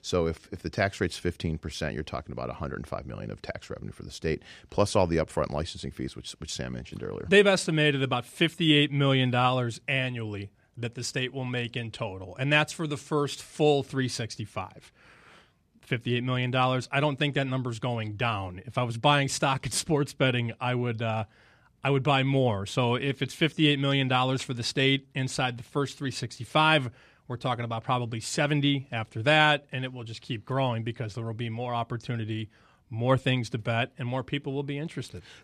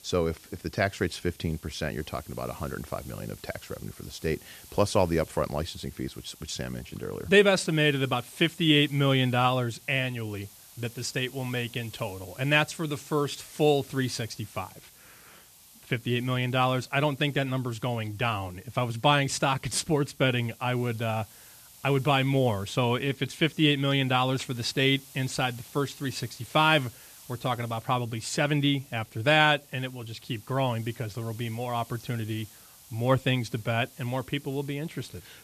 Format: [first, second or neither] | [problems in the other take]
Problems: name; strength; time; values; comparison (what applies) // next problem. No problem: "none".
first | hiss; faint; throughout; 20 dB below the speech